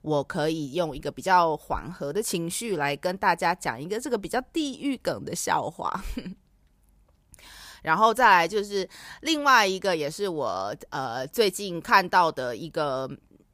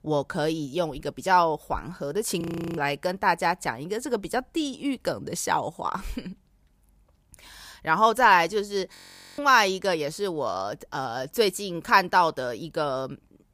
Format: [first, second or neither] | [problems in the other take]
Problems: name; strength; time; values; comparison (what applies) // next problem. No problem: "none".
first | audio freezing; at 2.5 s and at 9 s